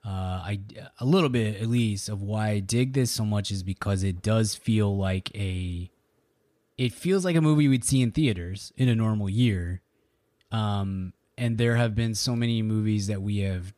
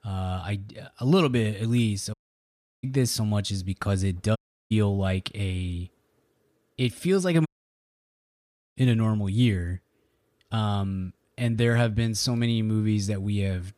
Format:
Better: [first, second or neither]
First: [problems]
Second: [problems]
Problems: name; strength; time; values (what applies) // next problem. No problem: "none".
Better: first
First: none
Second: audio cutting out; at 2 s for 0.5 s, at 4.5 s and at 7.5 s for 1.5 s